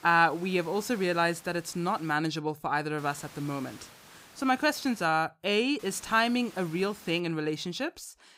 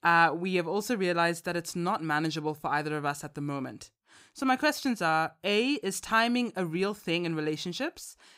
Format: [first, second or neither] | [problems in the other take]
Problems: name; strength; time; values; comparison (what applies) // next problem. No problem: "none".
second | hiss; faint; until 2 s, from 3 to 5 s and from 6 to 7 s; 20 dB below the speech